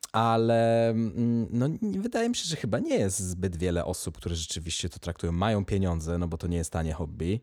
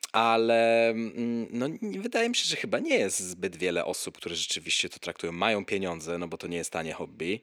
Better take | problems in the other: first | thin; somewhat; fading below 300 Hz

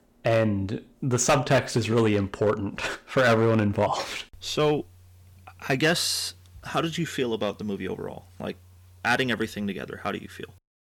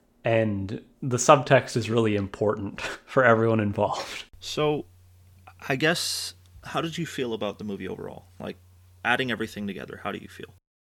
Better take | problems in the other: second | distortion; heavy; 3% of the sound clipped

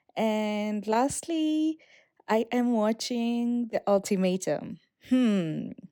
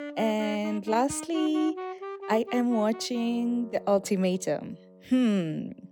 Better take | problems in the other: first | background music; noticeable; throughout; 10 dB below the speech

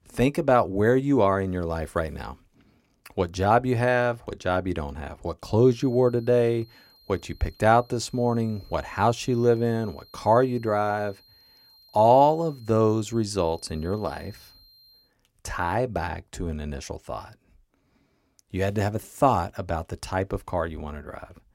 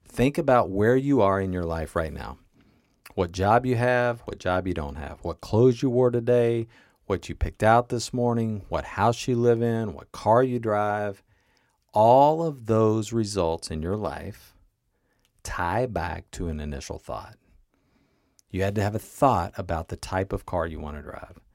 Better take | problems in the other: second | high-pitched whine; faint; from 5.5 to 15 s; 4 kHz, 30 dB below the speech

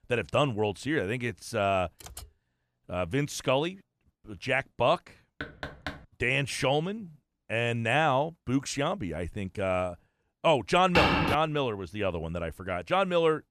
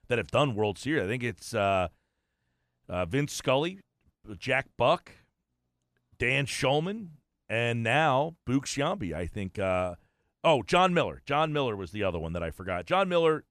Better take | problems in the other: second | keyboard typing; faint; at 2 s; peak 15 dB below the speech // door banging; faint; at 5.5 s; peak 10 dB below the speech // footsteps; loud; at 11 s; peak 5 dB above the speech

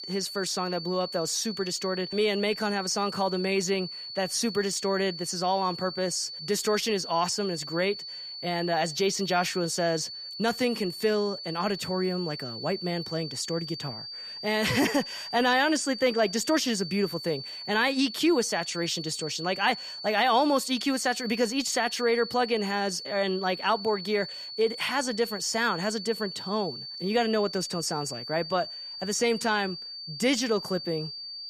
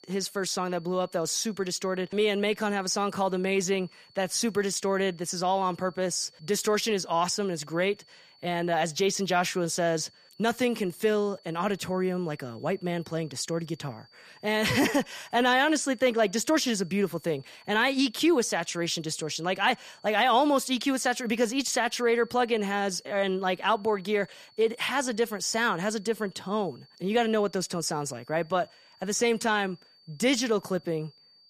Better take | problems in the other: second | high-pitched whine; loud; throughout; 4.5 kHz, 9 dB below the speech; faint in the second

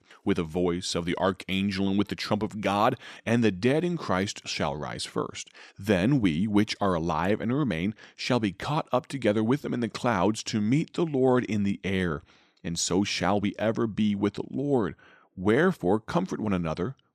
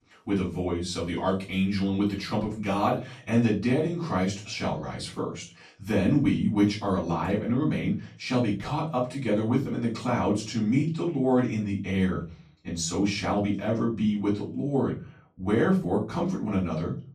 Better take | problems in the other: first | room echo; slight; dies away in 0.3 s // off-mic speech; far

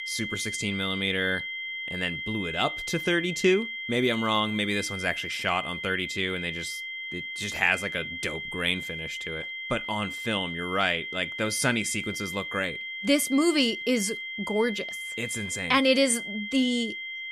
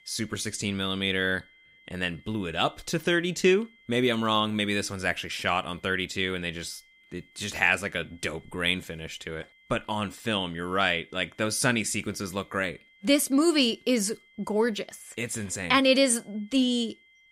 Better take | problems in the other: second | high-pitched whine; loud; throughout; 2 kHz, 6 dB below the speech; faint in the second

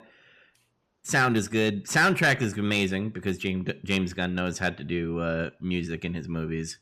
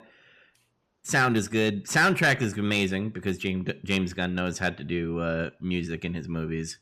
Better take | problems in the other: neither | distortion; slight; 2% of the sound clipped; the same in both

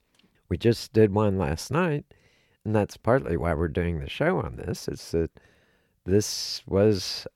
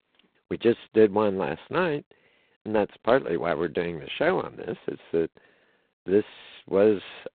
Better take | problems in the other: first | phone-call audio; poor line; nothing above 4 kHz

